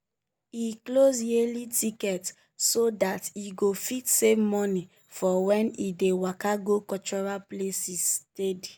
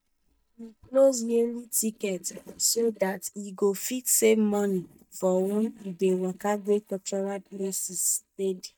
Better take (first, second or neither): first